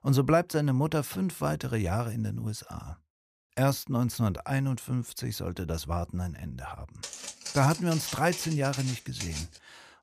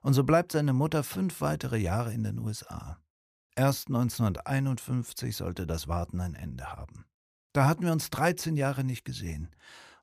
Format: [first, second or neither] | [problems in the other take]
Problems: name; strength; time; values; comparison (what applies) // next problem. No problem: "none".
second | footsteps; noticeable; from 7 s on; peak 7 dB below the speech